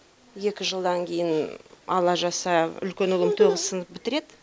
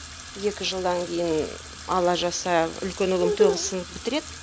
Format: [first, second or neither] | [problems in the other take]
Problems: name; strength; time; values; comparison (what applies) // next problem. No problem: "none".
first | background sound (Sink (filling or washing) / Water tap, faucet); 14 dB below the speech